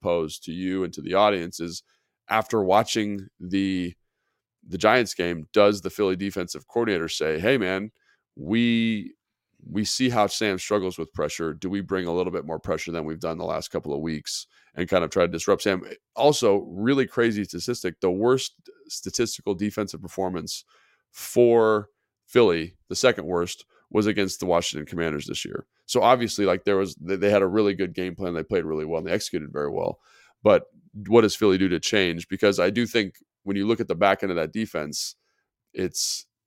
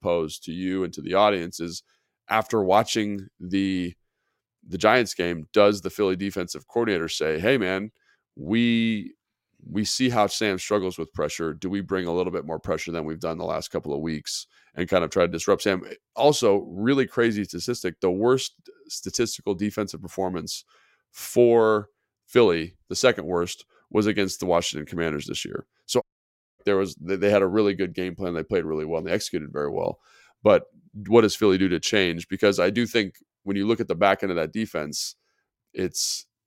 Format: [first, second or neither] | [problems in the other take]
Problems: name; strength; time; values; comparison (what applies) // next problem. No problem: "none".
first | audio cutting out; at 26 s for 0.5 s